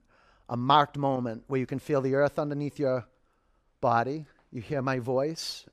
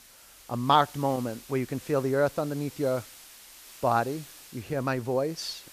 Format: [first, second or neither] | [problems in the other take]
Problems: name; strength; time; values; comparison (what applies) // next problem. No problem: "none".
first | hiss; noticeable; throughout; 20 dB below the speech